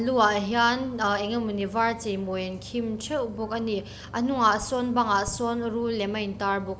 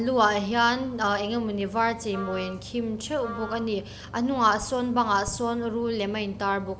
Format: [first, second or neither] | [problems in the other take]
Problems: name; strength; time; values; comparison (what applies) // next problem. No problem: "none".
first | background sound (Wind instrument, woodwind instrument); 15 dB below the speech